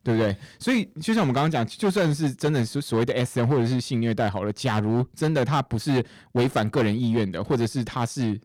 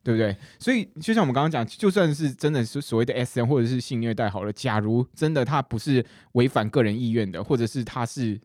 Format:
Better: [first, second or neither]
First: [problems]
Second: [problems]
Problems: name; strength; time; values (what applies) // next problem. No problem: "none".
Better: second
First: distortion; slight; 10% of the sound clipped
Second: none